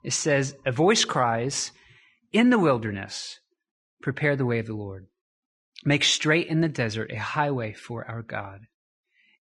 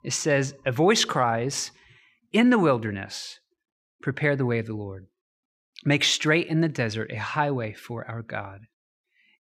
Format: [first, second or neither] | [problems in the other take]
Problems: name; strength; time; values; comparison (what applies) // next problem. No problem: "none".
second | garbled, watery; slightly